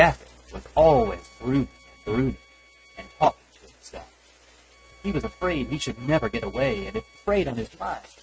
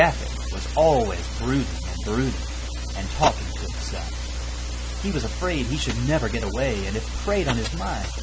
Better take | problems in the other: second | noise reduction (neural mask model RNNoise)

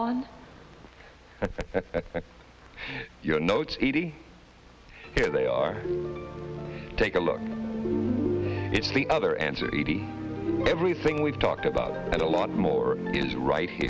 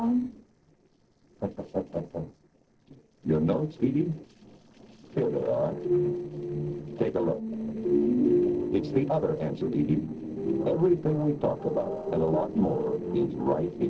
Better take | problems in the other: first | noise reduction (neural separator model SepFormer DNS4)

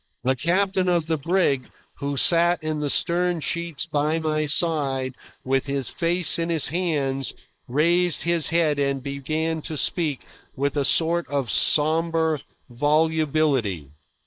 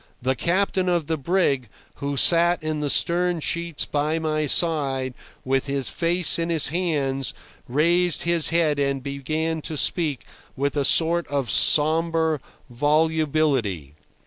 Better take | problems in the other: second | noise reduction (neural mask model Resemble Enhance denoiser)

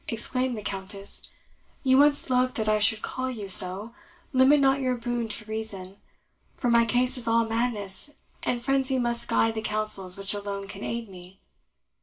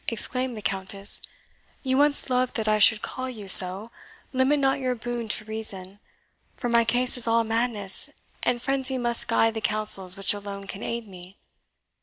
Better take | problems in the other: second | room echo; dies away in 0.2 s

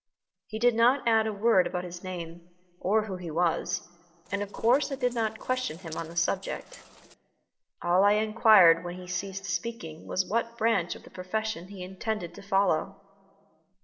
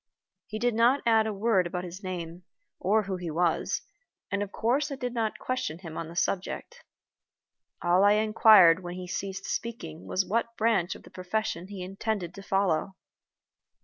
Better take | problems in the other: second | noise reduction (neural separator model SepFormer DNS4)

